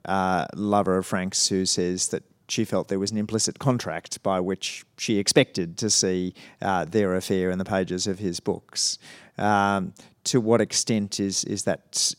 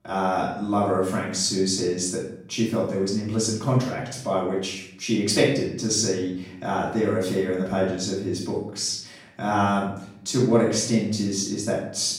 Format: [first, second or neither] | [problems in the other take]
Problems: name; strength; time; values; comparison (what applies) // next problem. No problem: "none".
first | off-mic speech; far // room echo; noticeable; dies away in 0.6 s